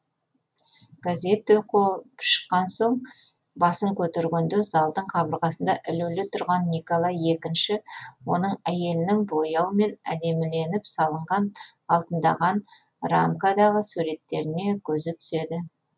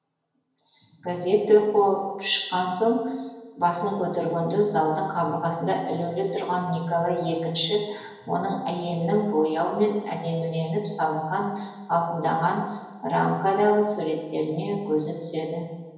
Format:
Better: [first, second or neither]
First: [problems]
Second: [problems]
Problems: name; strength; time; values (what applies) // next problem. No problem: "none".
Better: first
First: none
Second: room echo; dies away in 1 s